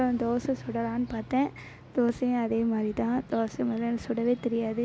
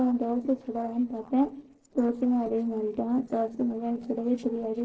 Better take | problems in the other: first | noise reduction (neural separator model SepFormer DNS4)

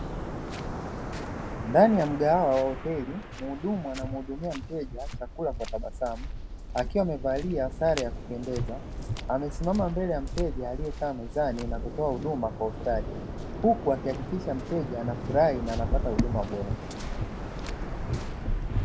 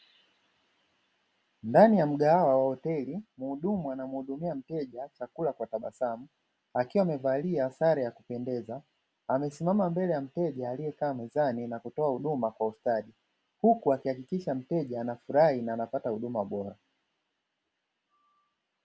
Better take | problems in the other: second | background sound (Waves, surf); 4 dB below the speech

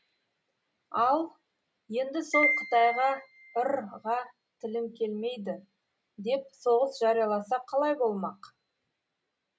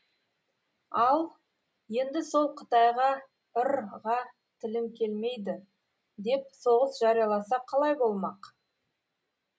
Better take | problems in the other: second | background sound (Piano); 2 dB below the speech

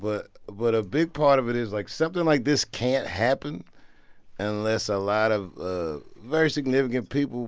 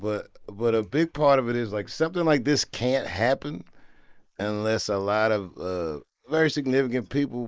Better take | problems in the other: first | noise reduction (neural mask model Resemble Enhance denoiser)

